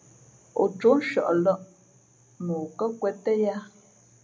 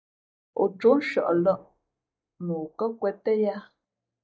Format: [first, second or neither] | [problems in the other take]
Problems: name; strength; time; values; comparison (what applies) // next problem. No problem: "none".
first | noise reduction (neural mask model DeepFilterNet 3)